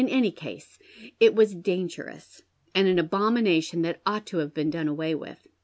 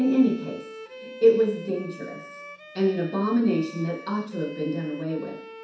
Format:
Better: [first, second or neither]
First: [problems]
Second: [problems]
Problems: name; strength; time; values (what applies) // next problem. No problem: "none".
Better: first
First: none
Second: background sound (Bowed string instrument); 17 dB below the speech // room echo; dies away in 0.6 s